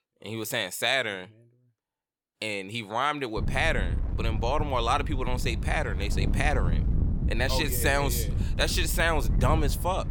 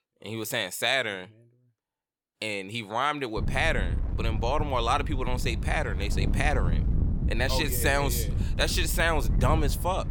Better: neither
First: wind noise on the microphone; occasional gusts; from 3.5 s on; 15 dB below the speech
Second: wind noise on the microphone; occasional gusts; from 3.5 s on; 15 dB below the speech

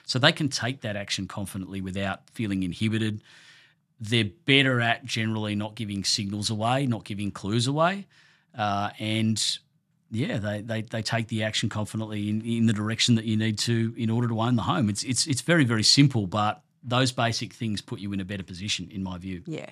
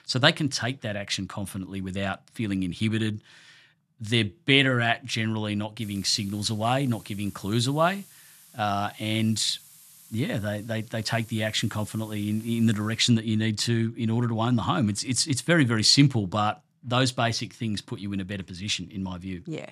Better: first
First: none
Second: hiss; faint; from 6 to 13 s; 25 dB below the speech

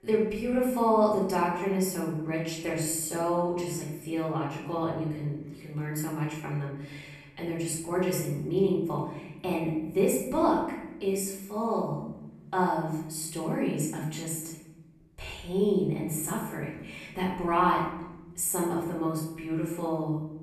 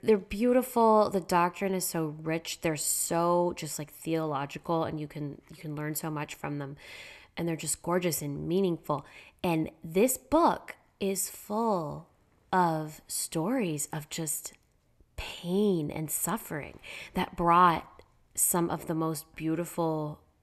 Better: second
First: off-mic speech; far // room echo; noticeable; dies away in 0.9 s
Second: none

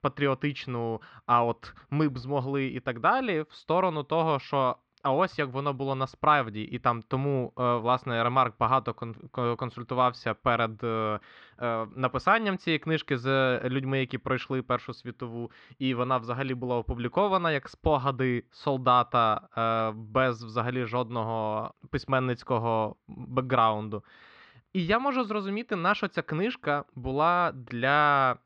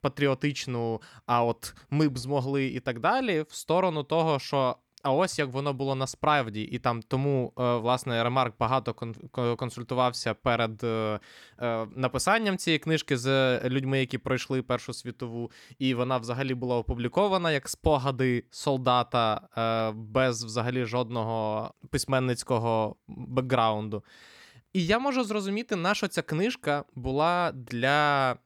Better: second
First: muffled; slightly; fading above 4 kHz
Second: none

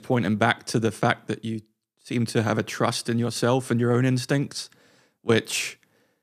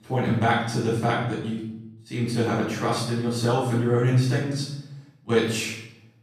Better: first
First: none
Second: room echo; noticeable; dies away in 0.8 s // off-mic speech; far

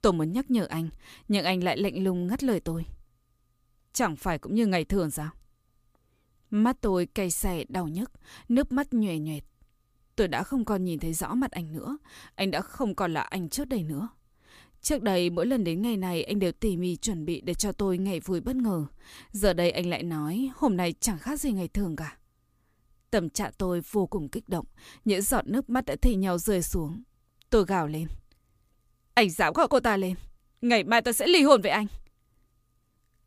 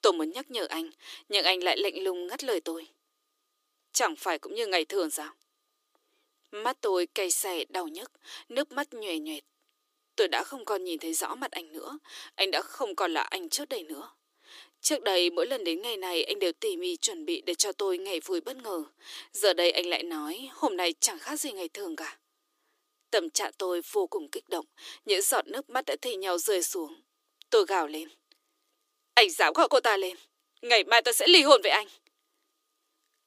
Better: first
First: none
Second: thin; very; fading below 300 Hz

